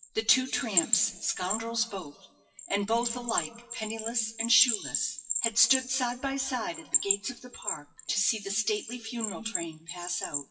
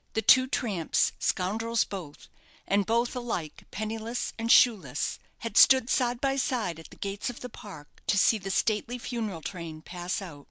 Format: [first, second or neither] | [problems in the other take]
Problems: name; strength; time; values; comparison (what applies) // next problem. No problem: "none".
second | noise reduction (classical method WPE with log-MMSE)